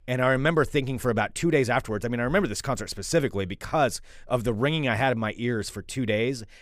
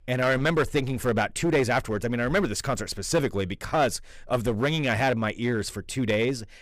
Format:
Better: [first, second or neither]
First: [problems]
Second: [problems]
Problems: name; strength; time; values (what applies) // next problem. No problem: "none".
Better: first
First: none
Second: distortion; slight; 7% of the sound clipped